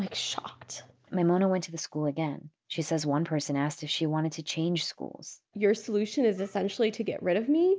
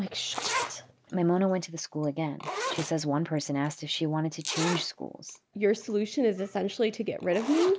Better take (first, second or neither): first